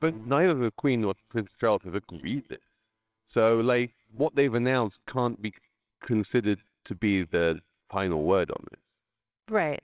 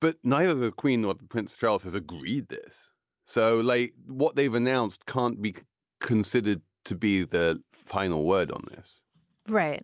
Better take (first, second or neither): second